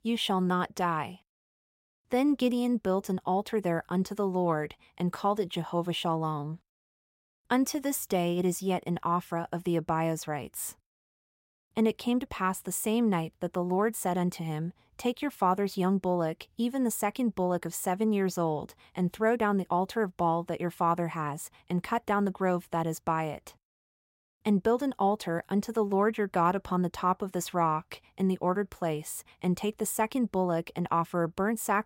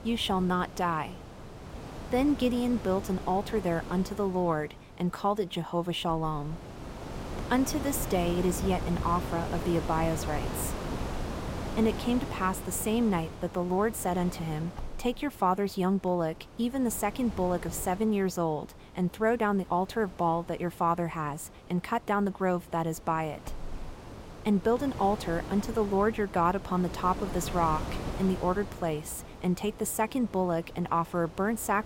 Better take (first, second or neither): first